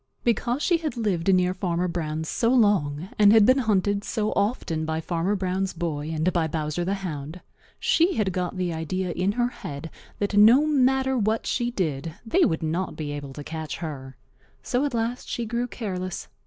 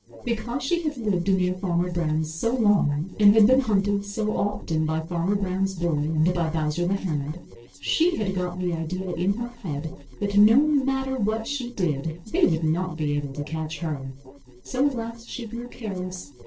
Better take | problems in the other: first | noise reduction (neural separator model SepFormer DNS4)

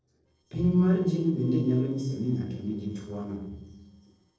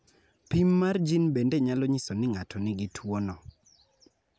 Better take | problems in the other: second | noise reduction (neural separator model SepFormer DNS4)

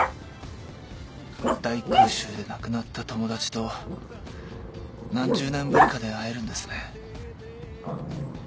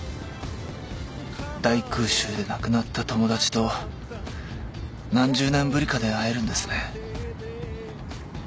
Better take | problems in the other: second | background sound (Growling); 3 dB above the speech

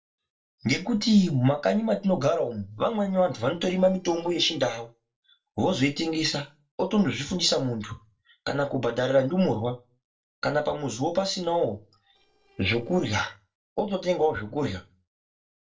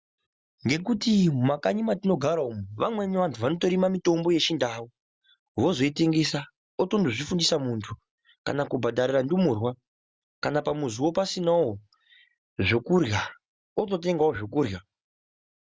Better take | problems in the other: second | noise reduction (neural separator model SepFormer DNS4)

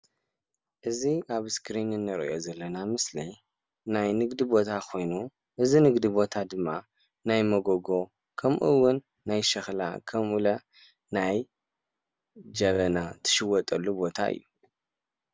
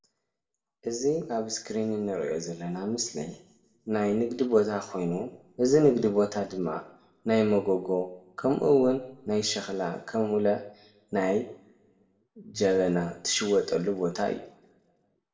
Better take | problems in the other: first | room echo; dies away in 0.6 s

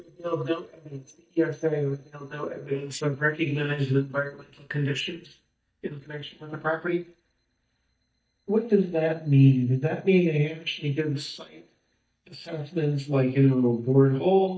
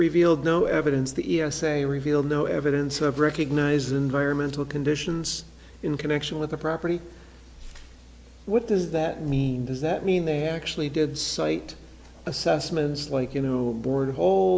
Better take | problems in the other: second | noise reduction (neural mask model DeepFilterNet 3)

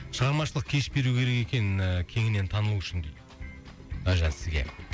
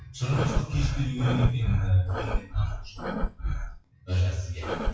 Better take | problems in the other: first | noise reduction (classical method WPE with log-MMSE)

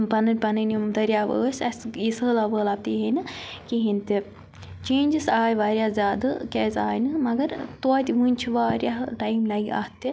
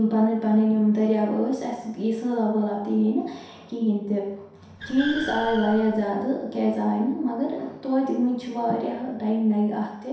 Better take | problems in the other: first | background sound (Car); 12 dB below the speech // room echo; dies away in 0.7 s

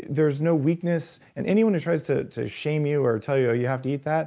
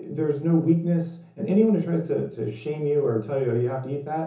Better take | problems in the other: first | room echo; dies away in 0.6 s

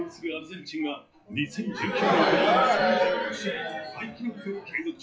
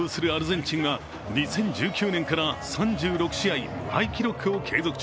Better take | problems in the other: second | noise reduction (classical method WPE with log-MMSE)

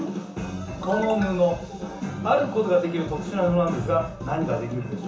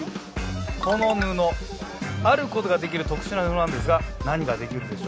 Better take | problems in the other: second | room echo; dies away in 0.7 s

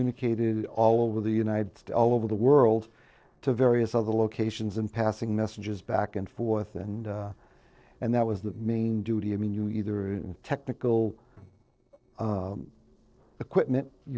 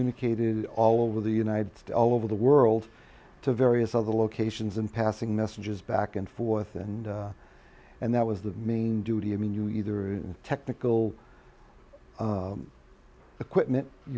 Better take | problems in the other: second | noise reduction (neural separator model SepFormer DNS4)

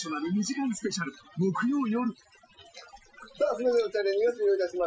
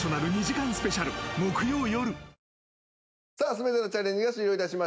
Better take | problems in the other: second | noise reduction (classical method Wiener filter)

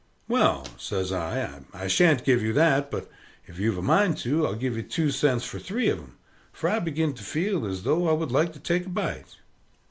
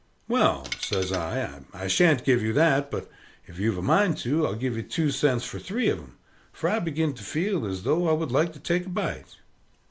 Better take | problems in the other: first | background sound (Tools); 10 dB below the speech

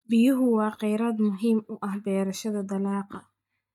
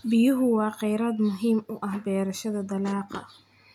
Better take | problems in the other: second | noise reduction (neural mask model DeepFilterNet 3)

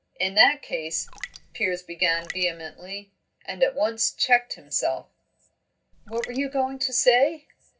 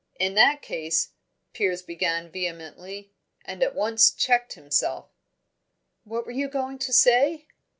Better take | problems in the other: second | background sound (Raindrop); 15 dB below the speech // room echo; dies away in 0.4 s

